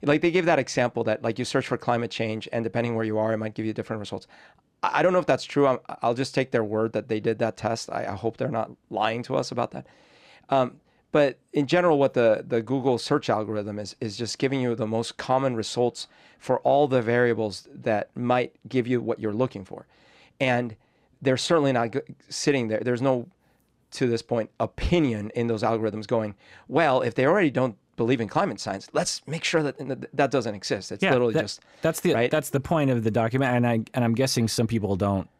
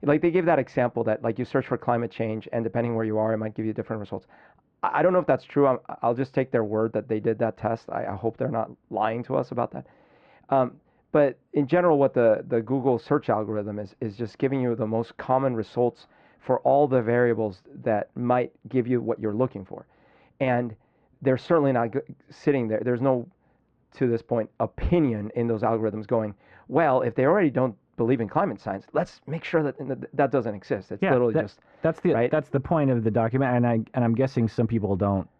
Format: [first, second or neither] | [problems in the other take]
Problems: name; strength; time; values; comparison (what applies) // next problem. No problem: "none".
first | muffled; very; fading above 1.5 kHz